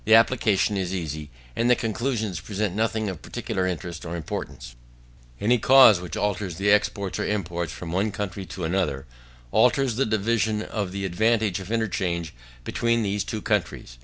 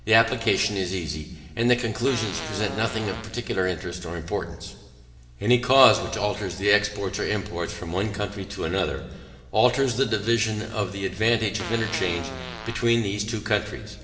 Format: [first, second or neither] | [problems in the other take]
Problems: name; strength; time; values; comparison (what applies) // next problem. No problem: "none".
first | background sound (Fart); 11 dB below the speech // room echo; dies away in 1.2 s